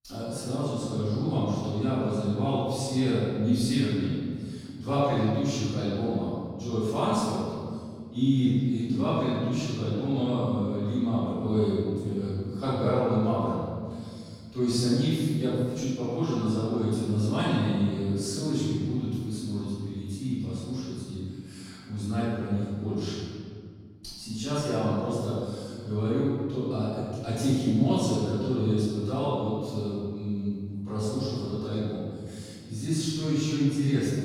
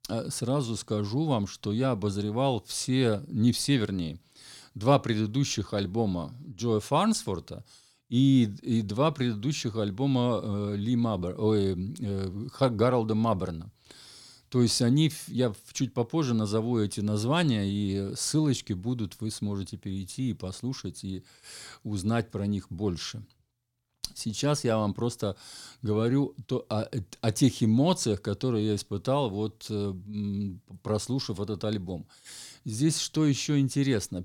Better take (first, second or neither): second